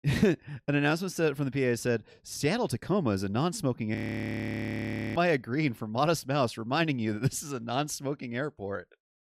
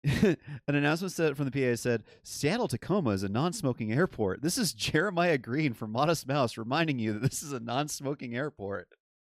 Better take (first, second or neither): second